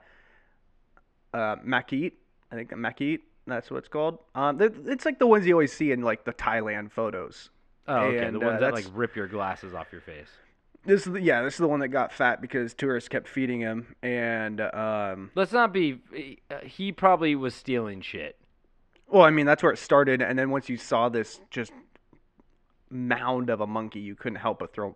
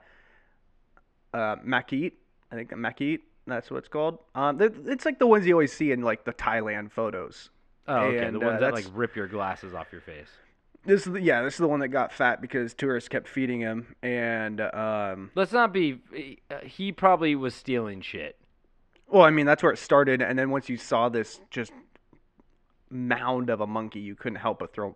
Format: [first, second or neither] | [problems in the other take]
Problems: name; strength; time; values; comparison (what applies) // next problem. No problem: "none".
neither | muffled; slightly; fading above 2.5 kHz; the same in both